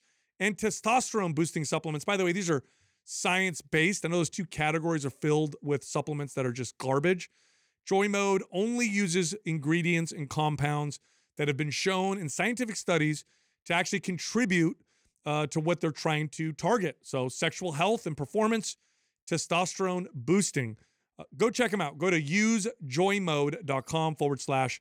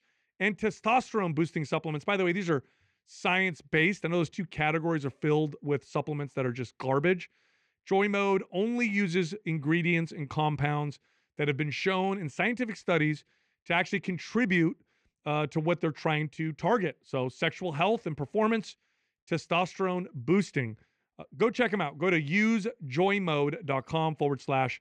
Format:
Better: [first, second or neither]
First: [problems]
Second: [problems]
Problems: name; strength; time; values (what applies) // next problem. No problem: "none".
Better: first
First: none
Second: muffled; slightly; fading above 2.5 kHz